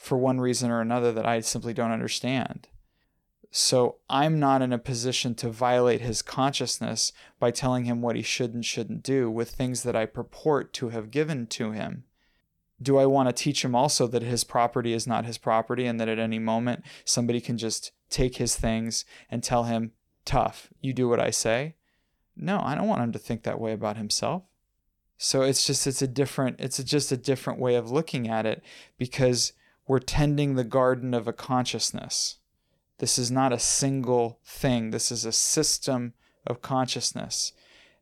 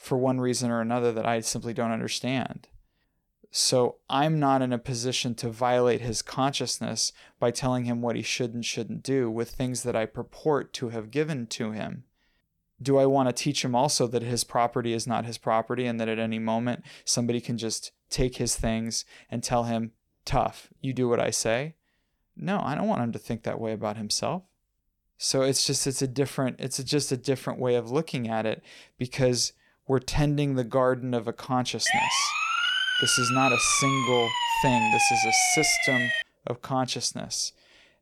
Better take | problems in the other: first | siren; loud; from 32 to 36 s; peak 5 dB above the speech

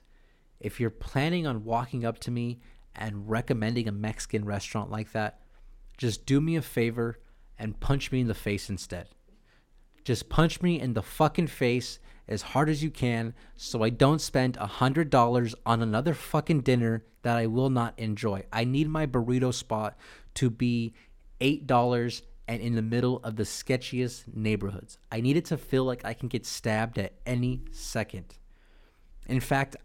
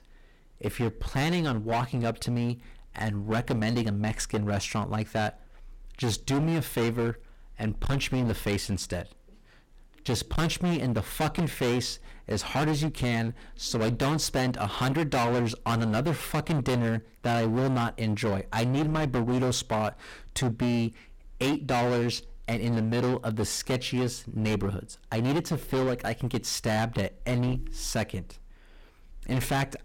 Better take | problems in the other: first | distortion; heavy; 19% of the sound clipped

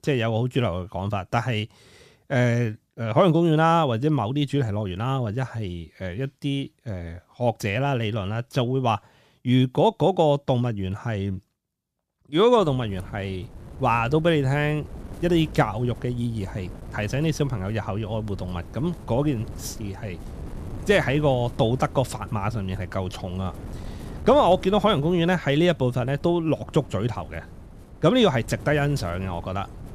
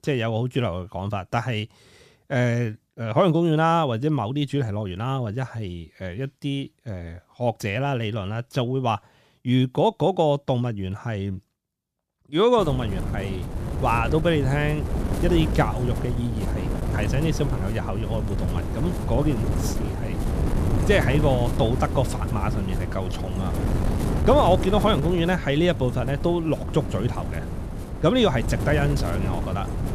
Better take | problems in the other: first | wind noise on the microphone; heavy; from 13 s on; 9 dB below the speech; occasional gusts in the first

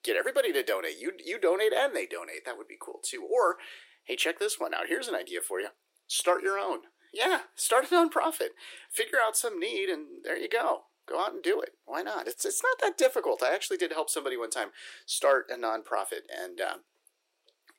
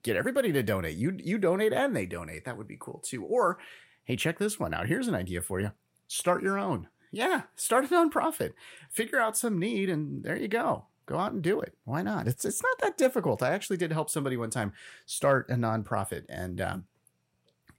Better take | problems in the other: second | thin; very; fading below 350 Hz

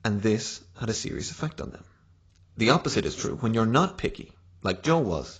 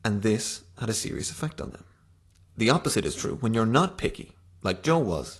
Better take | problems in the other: second | garbled, watery; badly; nothing above 7.5 kHz; slightly in the second

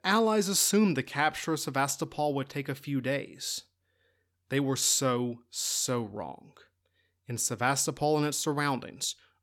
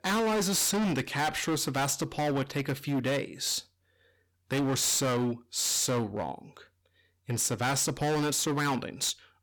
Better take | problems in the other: first | distortion; heavy; 21% of the sound clipped

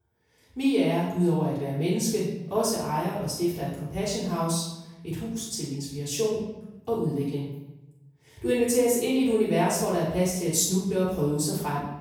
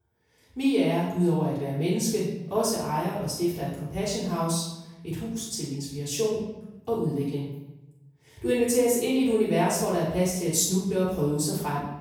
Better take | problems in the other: neither | off-mic speech; far; the same in both // room echo; noticeable; dies away in 0.8 s; the same in both

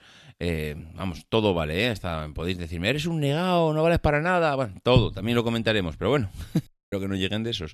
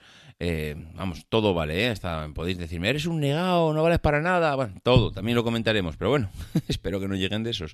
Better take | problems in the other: second | audio cutting out; at 6.5 s

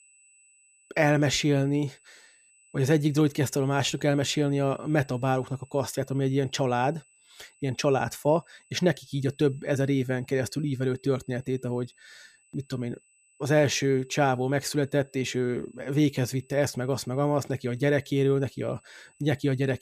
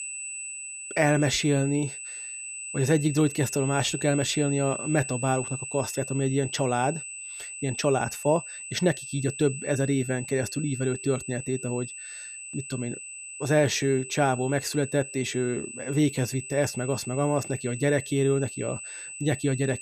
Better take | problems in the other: first | high-pitched whine; loud; throughout; 8 kHz, 9 dB below the speech; faint in the first

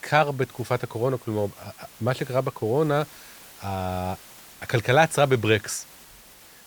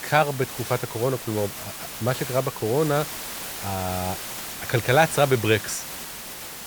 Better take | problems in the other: first | hiss; loud; throughout; 8 dB below the speech; faint in the first

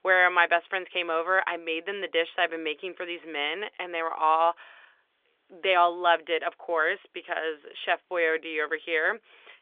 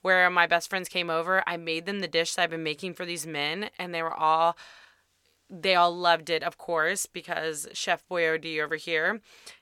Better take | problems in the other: second | phone-call audio; nothing above 3.5 kHz

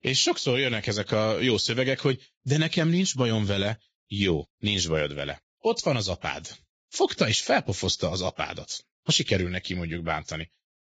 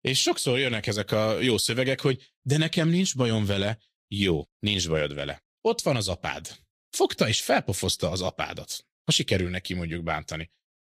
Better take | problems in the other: second | garbled, watery; badly; nothing above 7.5 kHz; slightly in the second

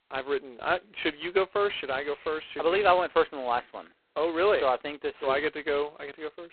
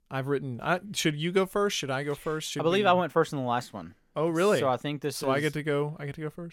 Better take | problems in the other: second | phone-call audio; poor line; nothing above 4 kHz

